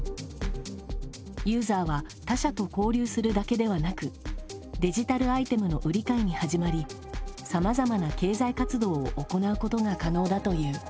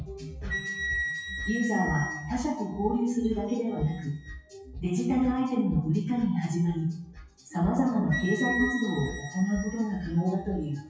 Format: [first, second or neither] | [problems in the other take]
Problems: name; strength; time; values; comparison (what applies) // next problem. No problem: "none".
first | noise reduction (classical method WPE with log-MMSE)